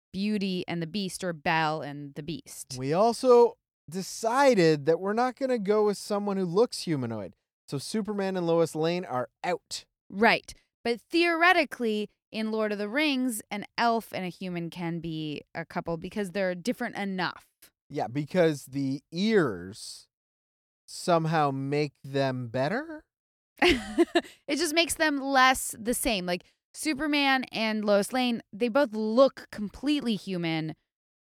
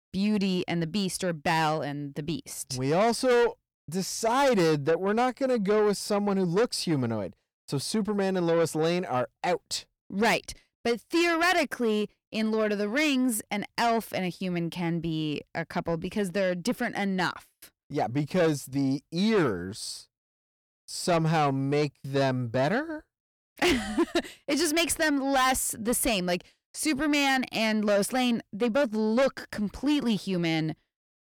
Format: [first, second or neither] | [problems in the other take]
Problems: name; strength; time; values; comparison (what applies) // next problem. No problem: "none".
first | distortion; heavy; 8 dB below the speech